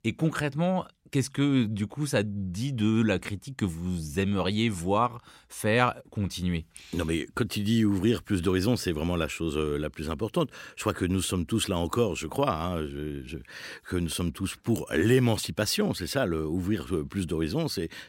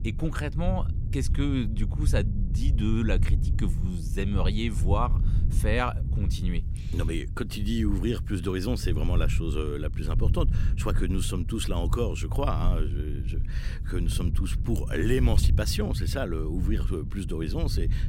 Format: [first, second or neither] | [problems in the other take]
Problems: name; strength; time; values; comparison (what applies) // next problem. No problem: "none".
first | low rumble; noticeable; throughout; 10 dB below the speech